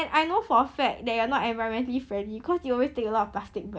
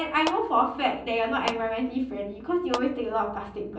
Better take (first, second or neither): first